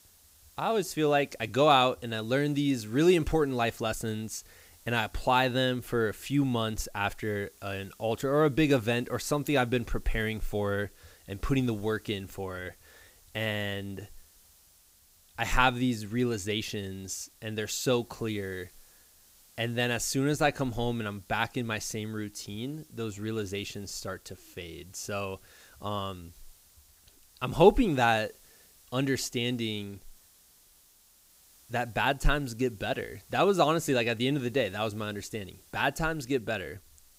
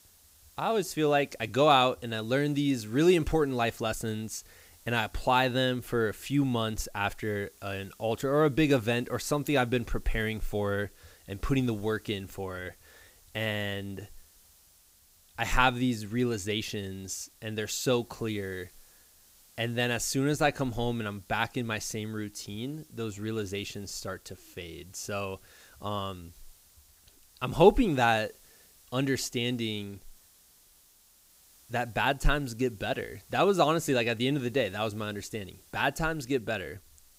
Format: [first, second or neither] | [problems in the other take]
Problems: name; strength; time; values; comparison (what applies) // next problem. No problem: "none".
neither | hiss; faint; throughout; 25 dB below the speech; the same in both